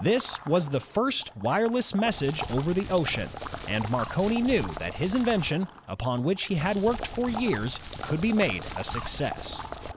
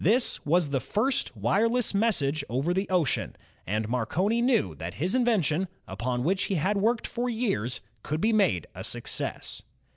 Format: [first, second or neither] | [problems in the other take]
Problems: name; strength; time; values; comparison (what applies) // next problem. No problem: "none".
second | background sound (Crumpling, crinkling + Water / Liquid); 11 dB below the speech